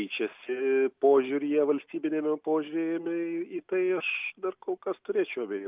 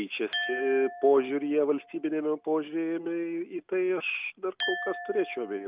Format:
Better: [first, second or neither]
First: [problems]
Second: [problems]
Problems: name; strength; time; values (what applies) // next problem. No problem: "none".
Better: first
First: none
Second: background sound (Glass); 11 dB below the speech